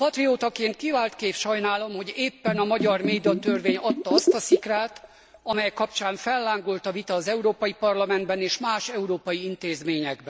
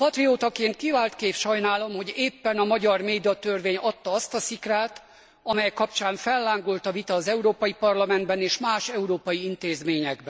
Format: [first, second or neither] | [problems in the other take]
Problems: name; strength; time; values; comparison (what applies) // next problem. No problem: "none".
second | background sound (Bathtub (filling or washing)); 1 dB below the speech